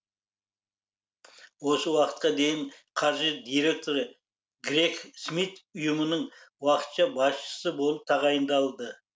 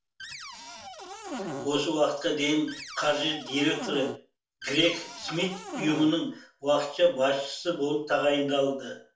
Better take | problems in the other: first | background sound (Cupboard open or close); 10 dB below the speech // room echo; dies away in 0.3 s

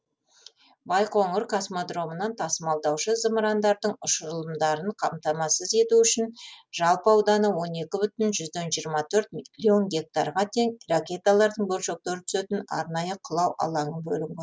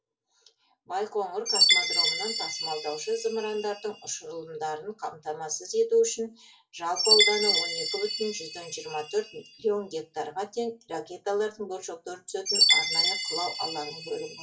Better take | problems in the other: first | background sound (Chime); 2 dB above the speech // room echo; dies away in 0.2 s

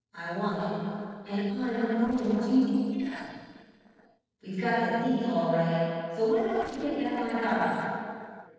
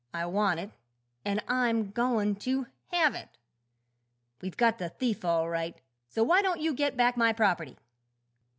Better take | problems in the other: second | noise reduction (neural separator model SepFormer DNS4)

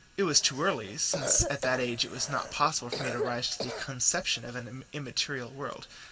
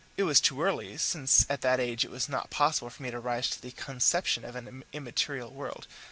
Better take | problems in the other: second | background sound (Cough); 8 dB below the speech // room echo; dies away in 1.5 s

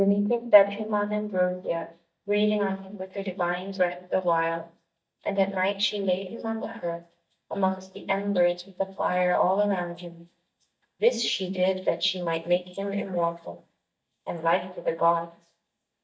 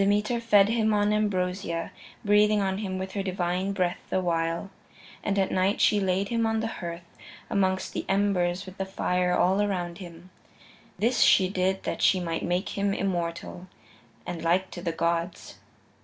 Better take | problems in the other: second | noise reduction (neural mask model DeepFilterNet 3)

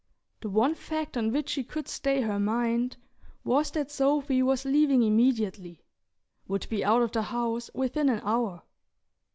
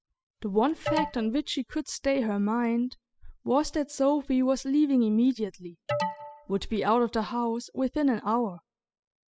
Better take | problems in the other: first | noise reduction (classical method spectral subtraction)

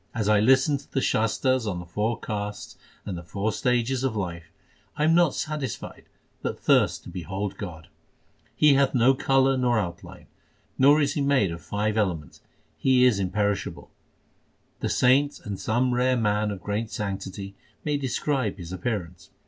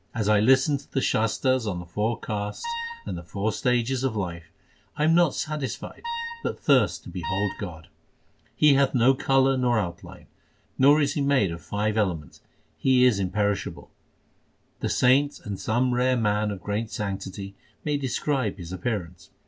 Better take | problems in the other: first | background sound (Wind instrument, woodwind instrument); 9 dB below the speech

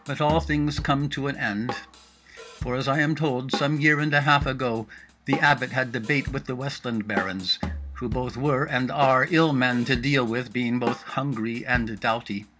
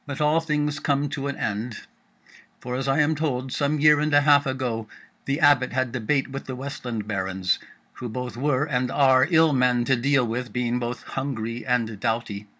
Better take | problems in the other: second | background sound (Drum kit); 12 dB below the speech

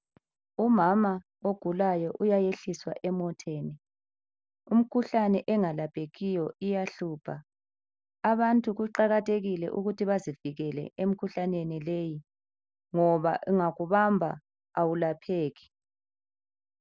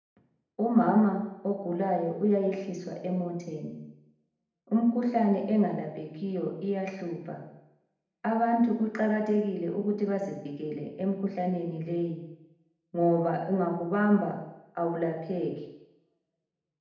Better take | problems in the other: first | room echo; dies away in 0.8 s

